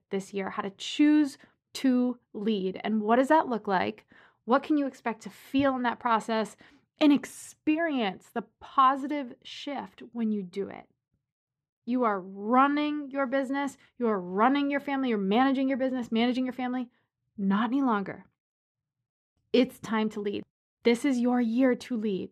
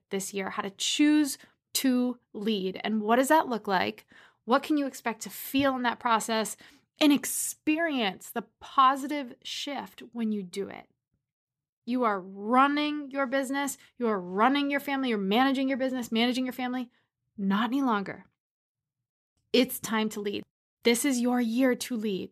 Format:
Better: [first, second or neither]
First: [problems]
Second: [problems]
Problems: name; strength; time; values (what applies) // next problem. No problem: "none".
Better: second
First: muffled; slightly; fading above 1.5 kHz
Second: none